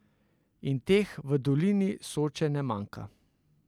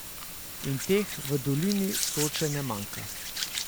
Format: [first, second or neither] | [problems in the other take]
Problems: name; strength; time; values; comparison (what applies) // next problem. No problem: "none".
first | background sound (Hands); 4 dB below the speech